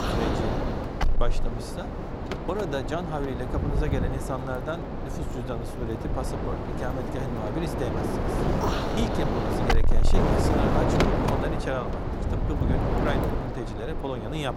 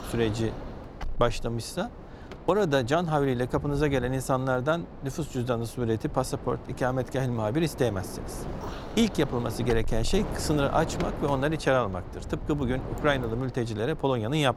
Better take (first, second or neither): second